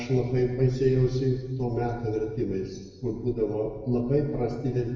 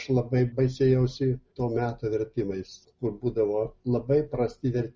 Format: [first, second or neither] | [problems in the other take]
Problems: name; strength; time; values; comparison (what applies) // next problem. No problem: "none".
second | room echo; dies away in 1.2 s